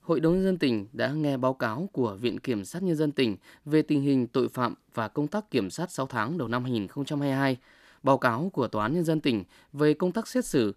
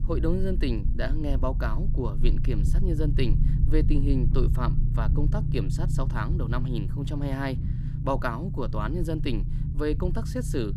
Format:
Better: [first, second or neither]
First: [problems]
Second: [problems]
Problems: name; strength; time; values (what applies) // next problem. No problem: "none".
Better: first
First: none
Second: low rumble; loud; throughout; 8 dB below the speech